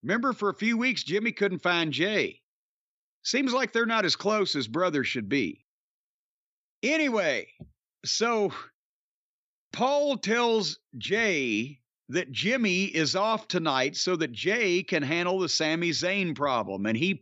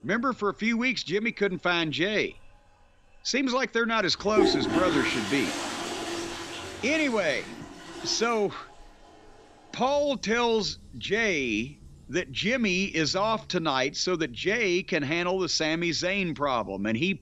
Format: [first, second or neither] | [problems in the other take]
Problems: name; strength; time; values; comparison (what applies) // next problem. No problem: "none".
first | household noises; loud; throughout; 4 dB below the speech